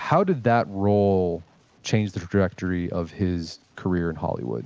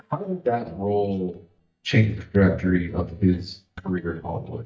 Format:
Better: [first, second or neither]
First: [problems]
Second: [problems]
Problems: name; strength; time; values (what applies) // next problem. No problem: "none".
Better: first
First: none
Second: noise reduction (neural mask model DeepFilterNet 3)